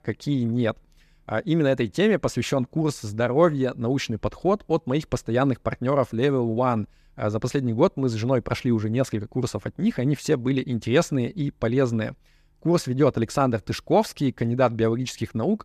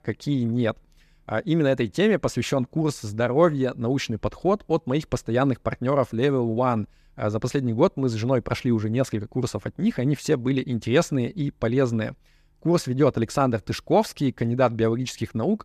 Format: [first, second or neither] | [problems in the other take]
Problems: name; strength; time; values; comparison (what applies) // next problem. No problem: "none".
neither | none